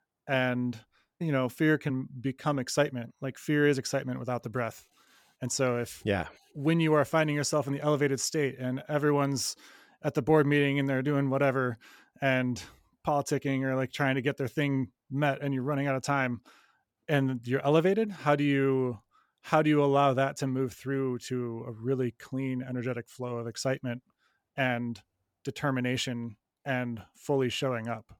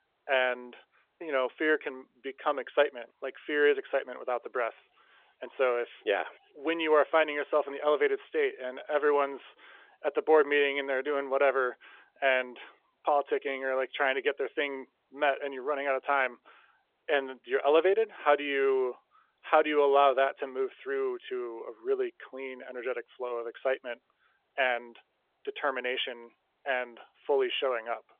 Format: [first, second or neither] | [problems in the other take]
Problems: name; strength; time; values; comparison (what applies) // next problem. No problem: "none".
first | phone-call audio; nothing above 3.5 kHz